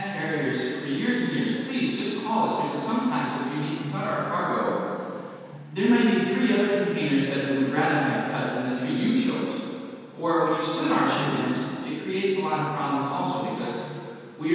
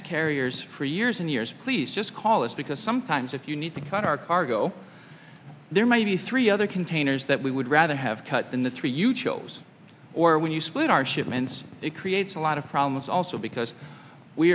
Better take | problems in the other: second | room echo; dies away in 2.1 s

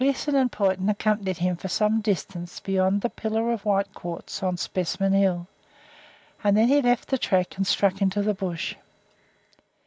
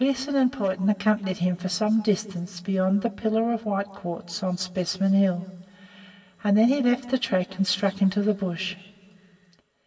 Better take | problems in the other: first | room echo; dies away in 1.9 s

